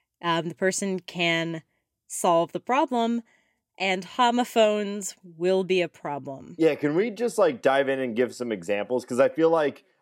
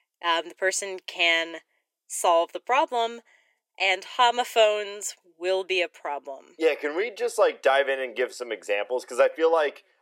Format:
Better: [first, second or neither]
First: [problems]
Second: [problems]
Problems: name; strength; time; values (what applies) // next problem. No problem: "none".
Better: first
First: none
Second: thin; very; fading below 400 Hz